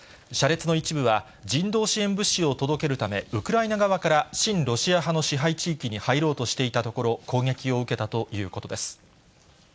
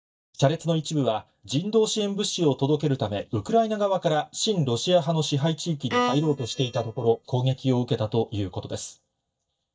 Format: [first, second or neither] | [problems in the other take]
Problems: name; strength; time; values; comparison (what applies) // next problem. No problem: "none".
first | noise reduction (neural mask model DeepFilterNet 3)